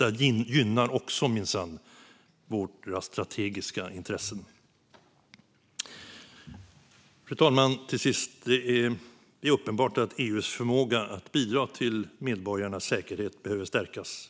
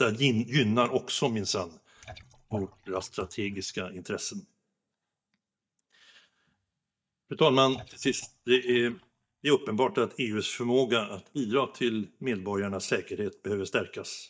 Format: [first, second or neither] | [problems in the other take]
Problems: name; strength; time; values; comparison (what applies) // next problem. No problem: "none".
first | noise reduction (neural mask model DeepFilterNet 3)